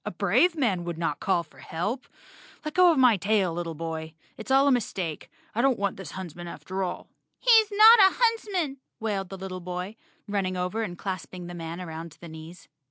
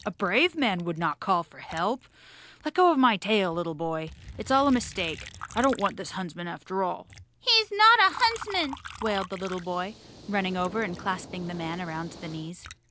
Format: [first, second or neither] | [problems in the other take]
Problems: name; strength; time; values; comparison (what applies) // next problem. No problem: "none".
first | background sound (Liquid + Hiss); 17 dB below the speech